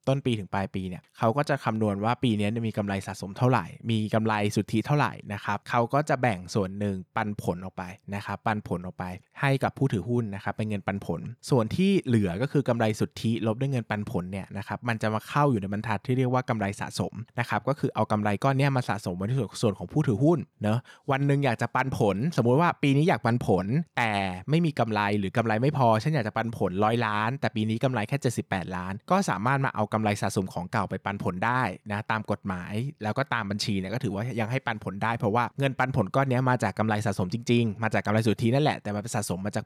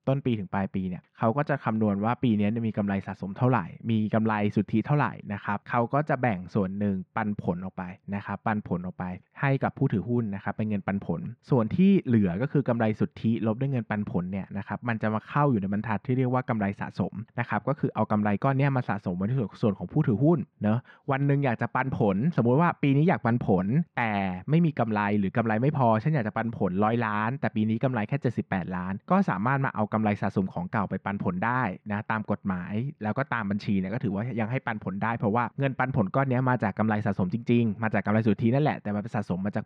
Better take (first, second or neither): first